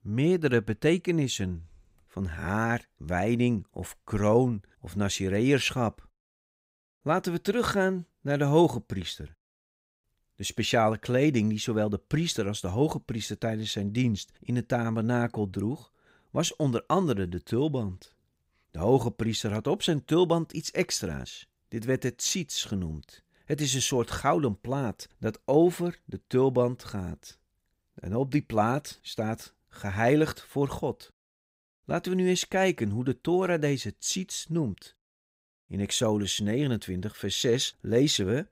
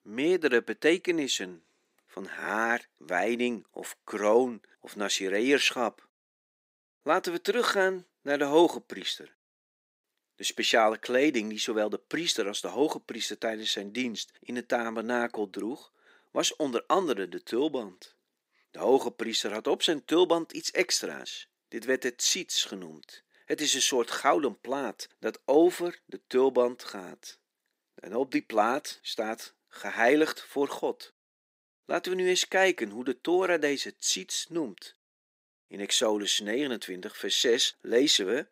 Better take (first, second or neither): first